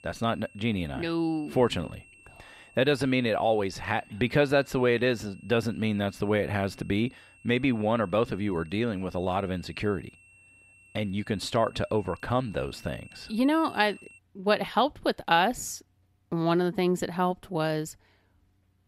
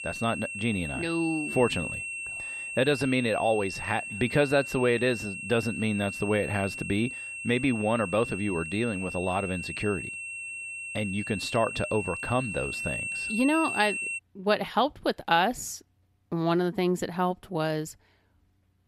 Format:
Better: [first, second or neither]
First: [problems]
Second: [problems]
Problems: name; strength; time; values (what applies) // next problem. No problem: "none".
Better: first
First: high-pitched whine; faint; until 14 s; 2.5 kHz, 25 dB below the speech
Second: high-pitched whine; loud; until 14 s; 2.5 kHz, 6 dB below the speech